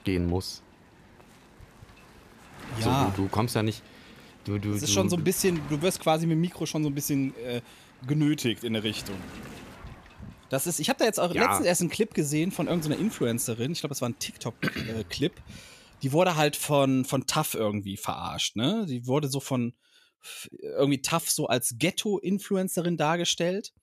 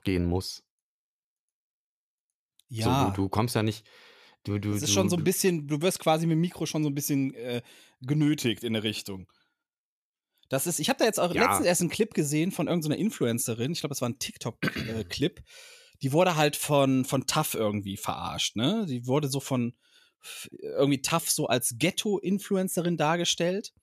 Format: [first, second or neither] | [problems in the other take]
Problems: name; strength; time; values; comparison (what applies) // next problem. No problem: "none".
second | wind noise on the microphone; occasional gusts; until 17 s; 20 dB below the speech